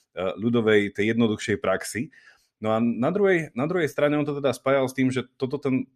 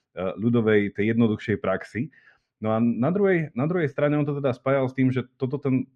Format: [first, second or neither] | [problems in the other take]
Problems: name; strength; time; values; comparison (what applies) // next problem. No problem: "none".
first | muffled; slightly; fading above 2.5 kHz